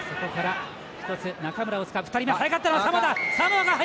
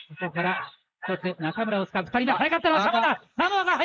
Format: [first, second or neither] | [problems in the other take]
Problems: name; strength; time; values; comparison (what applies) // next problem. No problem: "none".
first | noise reduction (neural mask model Resemble Enhance denoiser)